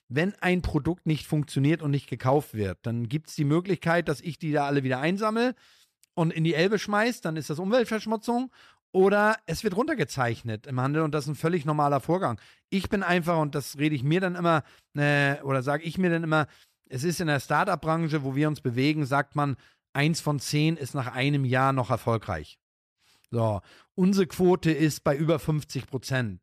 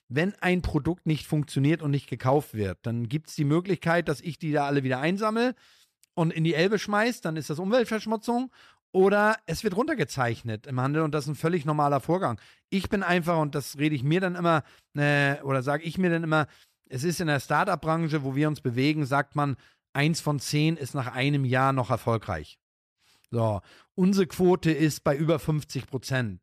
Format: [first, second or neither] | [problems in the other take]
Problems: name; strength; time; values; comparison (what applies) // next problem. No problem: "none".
neither | none